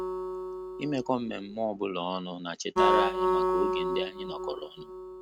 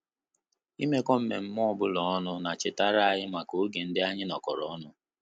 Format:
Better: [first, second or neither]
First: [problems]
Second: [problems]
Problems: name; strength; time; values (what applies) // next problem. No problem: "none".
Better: second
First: noise reduction (neural mask model RNNoise)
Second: none